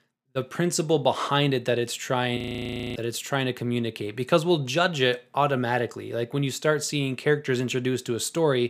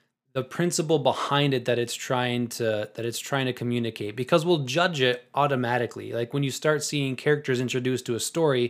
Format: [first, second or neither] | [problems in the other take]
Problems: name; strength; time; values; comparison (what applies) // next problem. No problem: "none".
second | audio freezing; at 2.5 s for 0.5 s